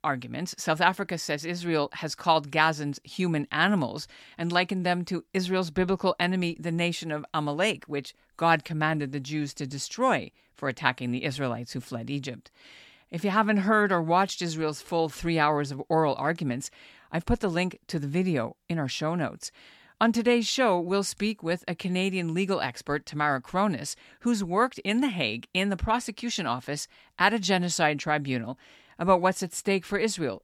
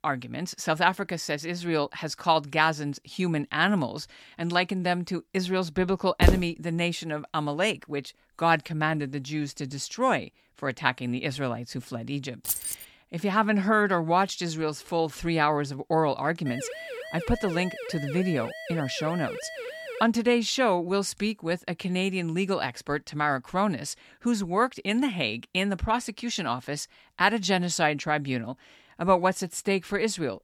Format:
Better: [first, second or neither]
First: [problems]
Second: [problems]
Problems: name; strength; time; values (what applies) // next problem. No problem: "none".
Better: first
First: none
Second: footsteps; loud; at 6 s; peak 3 dB above the speech // jangling keys; noticeable; at 12 s; peak 1 dB below the speech // siren; noticeable; from 16 to 20 s; peak 9 dB below the speech